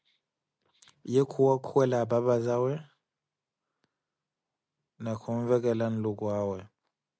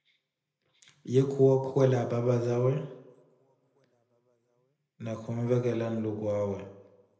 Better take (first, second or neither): first